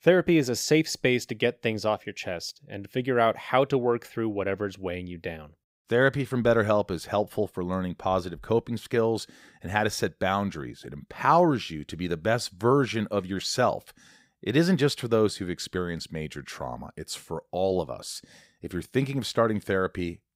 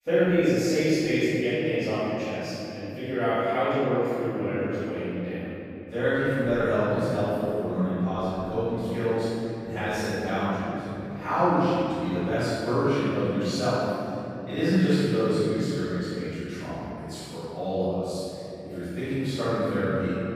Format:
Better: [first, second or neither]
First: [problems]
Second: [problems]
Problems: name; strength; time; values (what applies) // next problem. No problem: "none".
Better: first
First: none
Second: off-mic speech; far // room echo; strong; dies away in 3 s